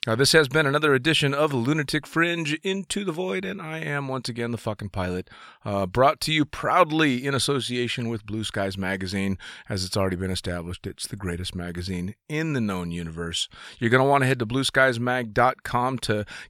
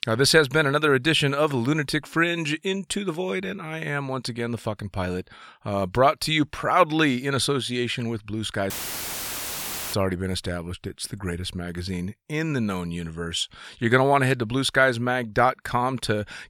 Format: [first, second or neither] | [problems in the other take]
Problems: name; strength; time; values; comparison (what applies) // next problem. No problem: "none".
first | audio cutting out; filled with static; at 8.5 s for 1 s